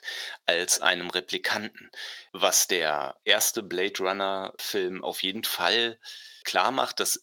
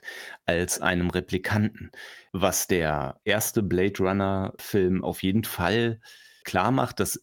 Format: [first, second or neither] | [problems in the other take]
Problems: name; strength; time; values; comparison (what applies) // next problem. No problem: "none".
second | thin; somewhat; fading below 500 Hz